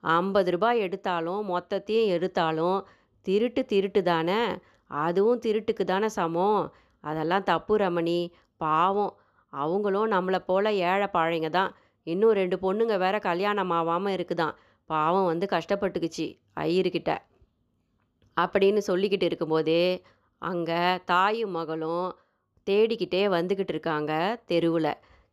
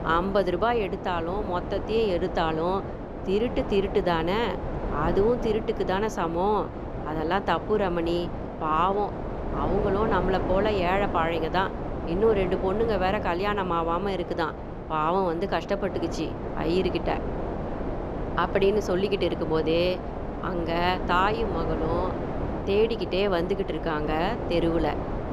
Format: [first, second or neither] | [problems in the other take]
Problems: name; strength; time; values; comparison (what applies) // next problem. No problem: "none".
first | wind noise on the microphone; heavy; 8 dB below the speech